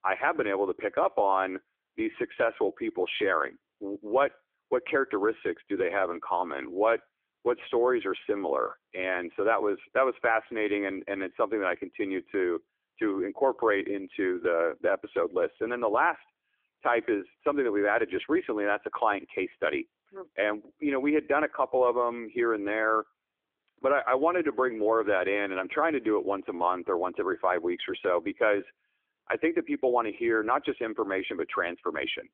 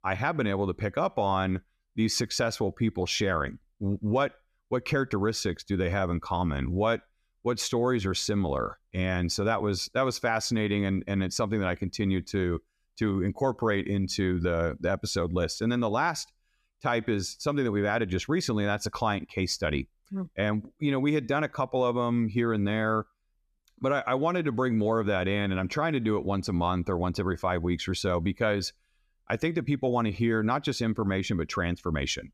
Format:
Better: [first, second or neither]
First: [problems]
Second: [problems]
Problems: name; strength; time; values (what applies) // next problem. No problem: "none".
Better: second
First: phone-call audio; nothing above 3.5 kHz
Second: none